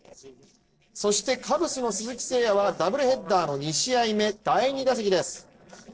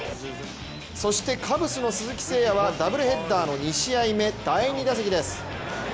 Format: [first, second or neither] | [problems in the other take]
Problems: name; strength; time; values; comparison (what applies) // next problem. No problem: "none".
second | noise reduction (neural separator model SepFormer DNS4)